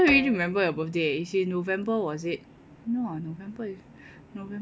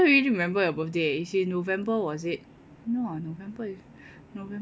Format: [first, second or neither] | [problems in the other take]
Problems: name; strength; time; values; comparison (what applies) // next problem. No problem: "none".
second | background sound (Bowed string instrument); 15 dB below the speech